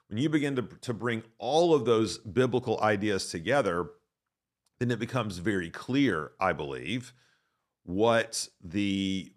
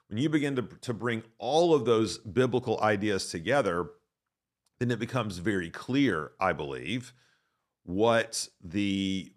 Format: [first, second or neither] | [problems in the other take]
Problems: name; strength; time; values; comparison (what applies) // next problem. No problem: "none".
neither | none